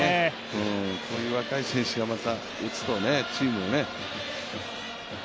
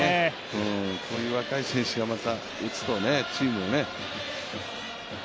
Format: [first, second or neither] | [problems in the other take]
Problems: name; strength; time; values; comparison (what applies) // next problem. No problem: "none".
second | background sound (Bowed string instrument); 19 dB below the speech